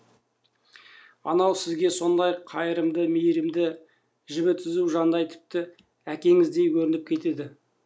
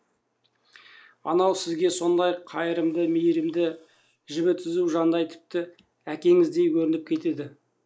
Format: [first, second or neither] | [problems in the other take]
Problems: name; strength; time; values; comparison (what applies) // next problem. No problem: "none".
first | noise reduction (neural mask model Resemble Enhance denoiser)